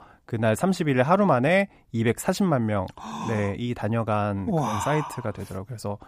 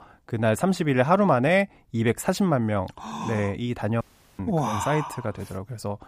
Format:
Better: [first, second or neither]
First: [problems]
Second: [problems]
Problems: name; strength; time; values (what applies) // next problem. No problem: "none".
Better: first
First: none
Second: audio cutting out; at 4 s